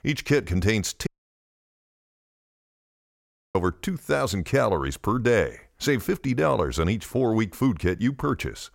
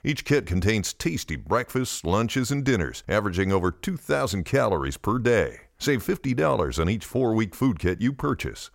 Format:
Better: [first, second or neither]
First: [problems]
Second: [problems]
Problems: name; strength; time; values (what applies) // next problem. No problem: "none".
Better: second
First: audio cutting out; at 1 s for 2.5 s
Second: none